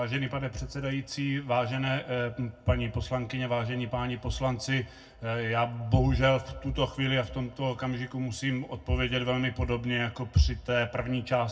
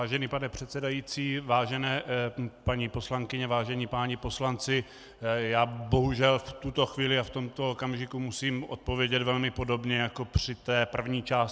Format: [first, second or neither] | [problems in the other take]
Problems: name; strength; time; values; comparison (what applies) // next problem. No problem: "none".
second | room echo; dies away in 0.4 s